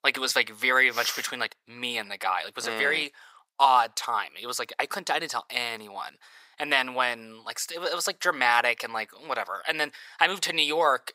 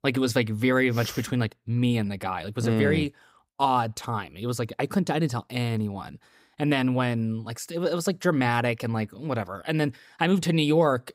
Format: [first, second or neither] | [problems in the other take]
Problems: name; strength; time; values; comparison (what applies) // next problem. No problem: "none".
second | thin; very; fading below 900 Hz